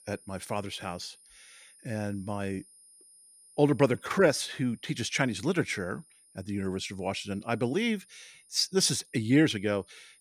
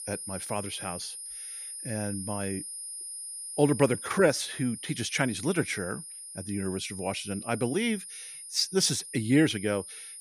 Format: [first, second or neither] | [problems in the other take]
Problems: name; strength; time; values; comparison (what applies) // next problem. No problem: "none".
first | high-pitched whine; loud; throughout; 9.5 kHz, 9 dB below the speech; faint in the first